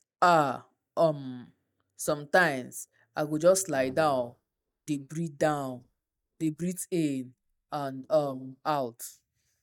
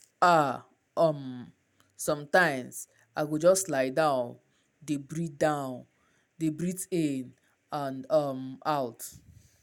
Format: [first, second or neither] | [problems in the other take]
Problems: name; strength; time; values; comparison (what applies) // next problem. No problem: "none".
second | noise reduction (neural mask model DeepFilterNet 3)